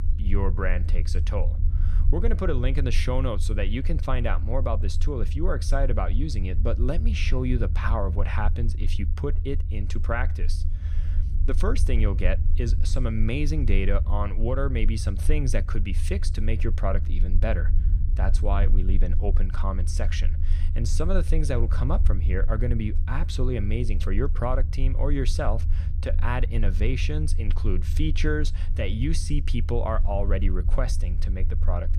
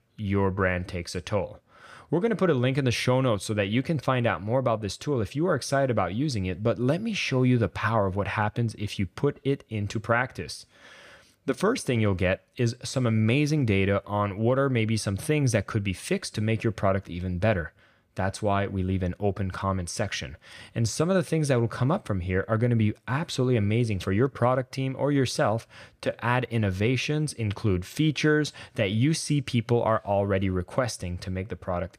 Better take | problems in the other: second | low rumble; noticeable; throughout; 15 dB below the speech

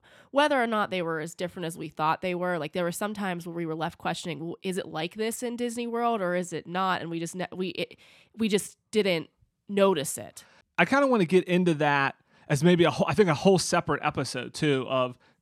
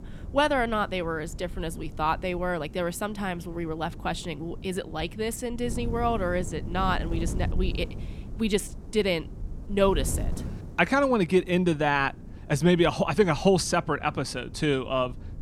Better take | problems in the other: first | wind noise on the microphone; occasional gusts; 20 dB below the speech

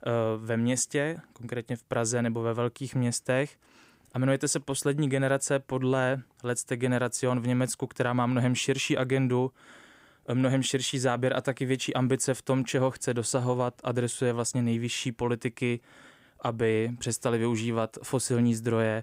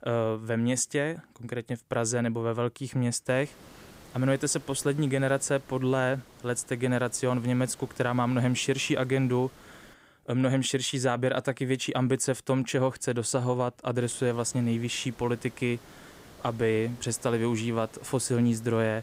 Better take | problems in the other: first | hiss; faint; from 3.5 to 10 s and from 14 s on; 25 dB below the speech

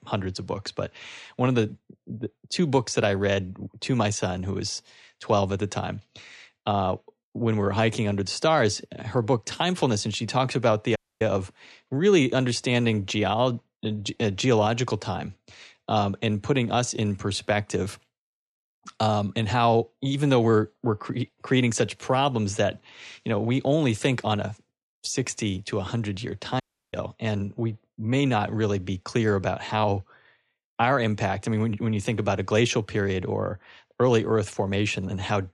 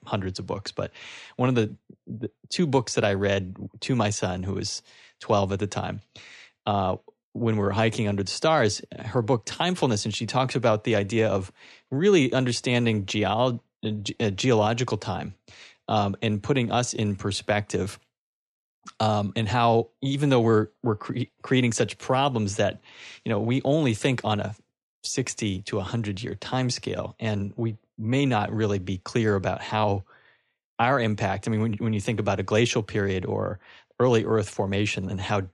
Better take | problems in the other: second | audio cutting out; at 11 s and at 27 s

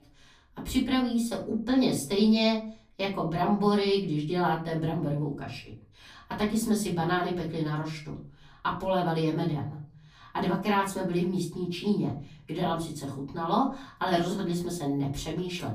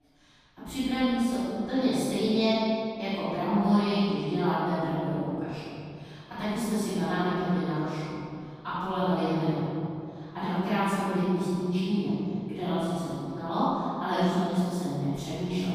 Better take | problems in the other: first | room echo; strong; dies away in 2.3 s; slight in the first // off-mic speech; far; far in the first

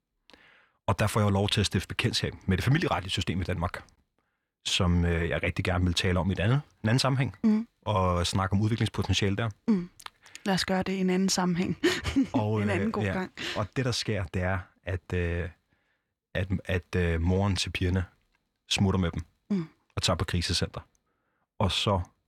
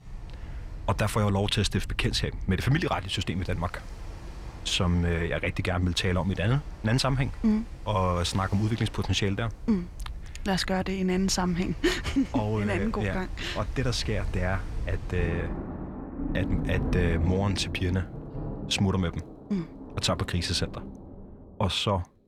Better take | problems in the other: first | rain or running water; noticeable; throughout; 10 dB below the speech

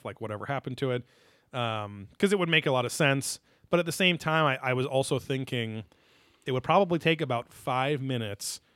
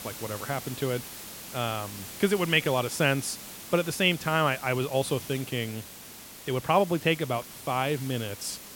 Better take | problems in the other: first | hiss; noticeable; throughout; 10 dB below the speech

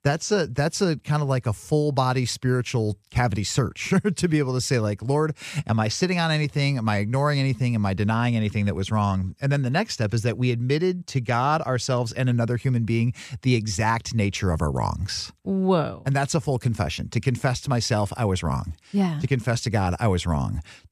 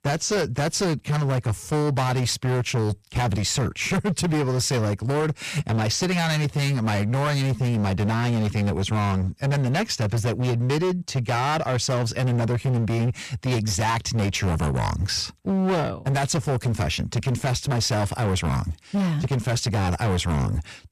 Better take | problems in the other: first | distortion; heavy; 27% of the sound clipped

